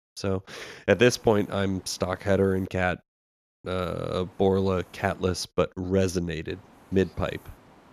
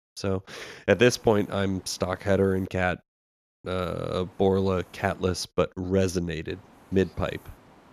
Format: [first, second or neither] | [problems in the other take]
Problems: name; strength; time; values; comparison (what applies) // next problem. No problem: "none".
neither | hiss; faint; from 1 to 2.5 s, from 4 to 5.5 s and from 6.5 s on; 30 dB below the speech; the same in both